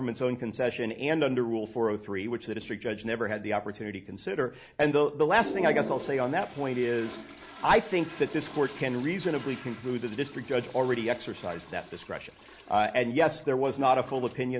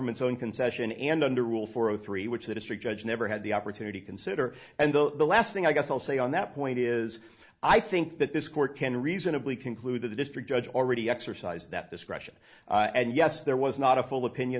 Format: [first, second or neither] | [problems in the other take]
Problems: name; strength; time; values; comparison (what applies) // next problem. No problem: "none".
second | background sound (Toilet flush); 16 dB below the speech